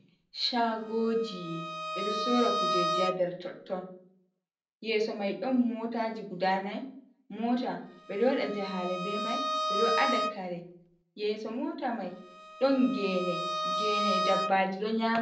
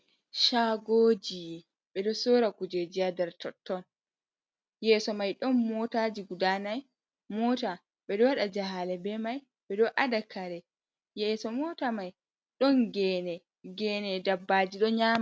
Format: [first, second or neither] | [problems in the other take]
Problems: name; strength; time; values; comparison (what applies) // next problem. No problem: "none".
second | background sound (Bowed string instrument); 3 dB below the speech // room echo; dies away in 0.6 s